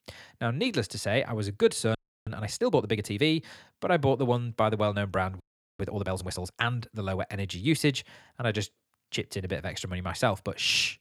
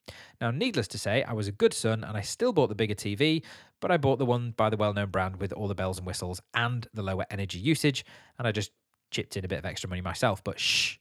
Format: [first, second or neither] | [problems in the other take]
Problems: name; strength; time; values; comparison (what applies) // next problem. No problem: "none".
second | audio freezing; at 2 s and at 5.5 s